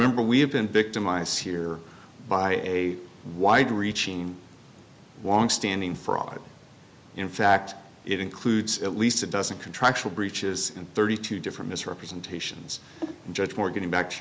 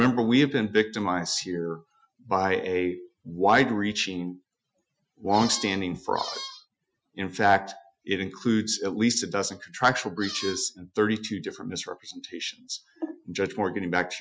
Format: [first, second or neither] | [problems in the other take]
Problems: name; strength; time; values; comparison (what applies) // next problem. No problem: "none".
first | noise reduction (classical method Wiener filter)